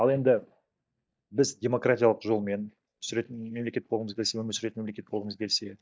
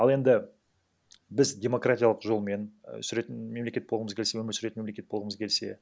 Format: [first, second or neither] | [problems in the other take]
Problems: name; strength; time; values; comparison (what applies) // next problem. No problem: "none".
second | noise reduction (neural mask model DeepFilterNet 3)